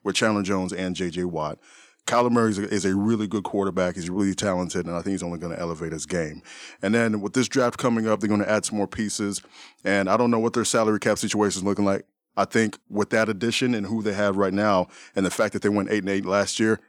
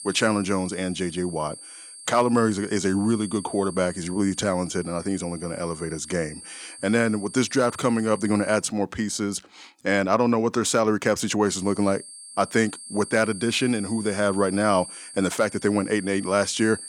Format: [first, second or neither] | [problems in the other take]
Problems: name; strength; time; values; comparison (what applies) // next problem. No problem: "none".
first | high-pitched whine; noticeable; until 8.5 s and from 11 s on; 8.5 kHz, 15 dB below the speech